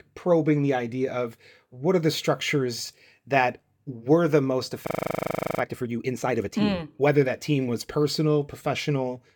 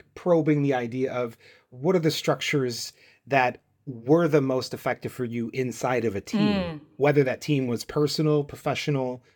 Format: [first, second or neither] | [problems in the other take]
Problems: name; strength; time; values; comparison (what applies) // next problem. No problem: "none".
second | audio freezing; at 5 s for 0.5 s